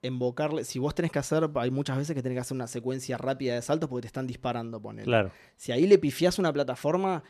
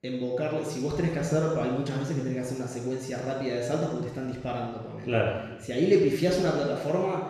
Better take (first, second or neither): first